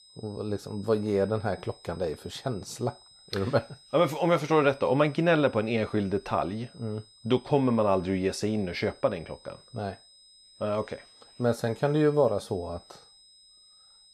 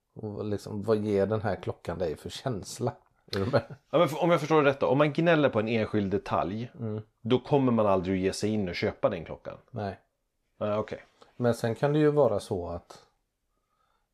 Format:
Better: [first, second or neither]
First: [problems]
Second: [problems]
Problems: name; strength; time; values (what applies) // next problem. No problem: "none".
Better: second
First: high-pitched whine; faint; throughout; 5 kHz, 25 dB below the speech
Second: none